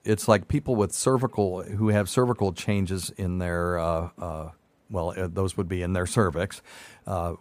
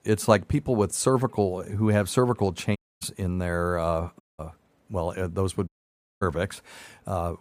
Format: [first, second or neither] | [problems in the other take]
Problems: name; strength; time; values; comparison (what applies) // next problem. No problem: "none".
first | audio cutting out; at 3 s, at 4 s and at 5.5 s for 0.5 s